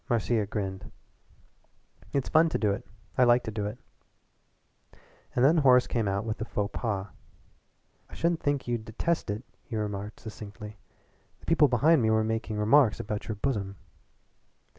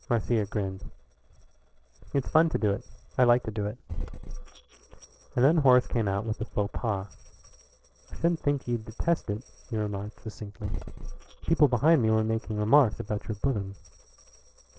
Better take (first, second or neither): first